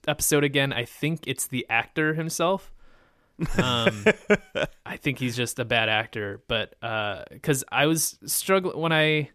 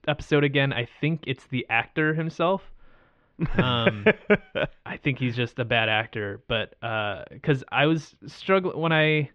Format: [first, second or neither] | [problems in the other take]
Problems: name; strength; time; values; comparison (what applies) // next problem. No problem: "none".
first | muffled; very; fading above 3.5 kHz